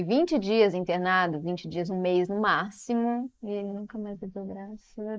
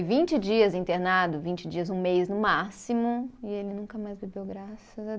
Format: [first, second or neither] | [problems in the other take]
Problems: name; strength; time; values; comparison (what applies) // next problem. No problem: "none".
second | noise reduction (neural mask model Resemble Enhance denoiser)